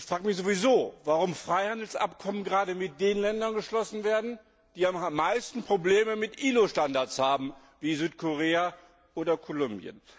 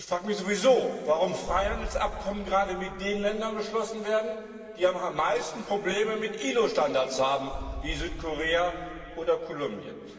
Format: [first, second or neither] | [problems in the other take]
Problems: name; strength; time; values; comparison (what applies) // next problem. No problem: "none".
first | background sound (Boom); 11 dB below the speech // room echo; dies away in 2.7 s